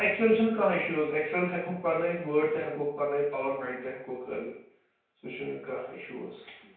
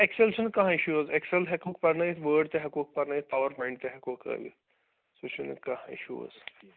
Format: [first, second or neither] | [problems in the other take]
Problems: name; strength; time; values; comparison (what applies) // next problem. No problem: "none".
second | room echo; dies away in 0.5 s